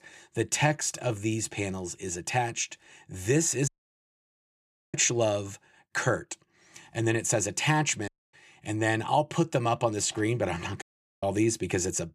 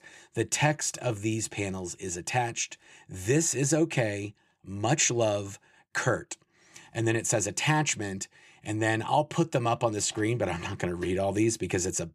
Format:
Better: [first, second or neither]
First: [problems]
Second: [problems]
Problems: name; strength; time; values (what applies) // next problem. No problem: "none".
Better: second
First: audio cutting out; at 3.5 s for 1.5 s, at 8 s and at 11 s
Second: none